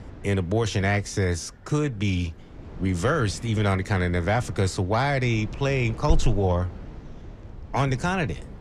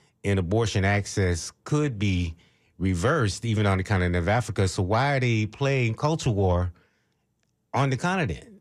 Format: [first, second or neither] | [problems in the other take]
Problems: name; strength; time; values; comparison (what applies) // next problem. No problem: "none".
second | wind in the background; noticeable; throughout; 15 dB below the speech